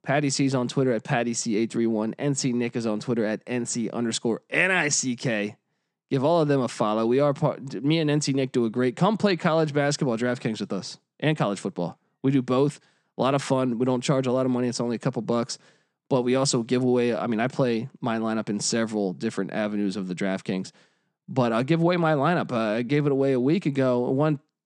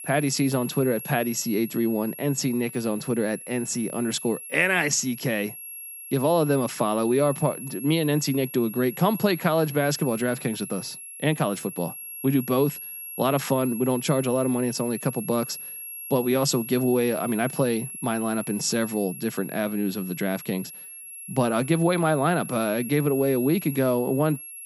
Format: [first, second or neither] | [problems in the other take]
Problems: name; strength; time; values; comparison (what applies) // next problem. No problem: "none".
first | high-pitched whine; noticeable; throughout; 11 kHz, 10 dB below the speech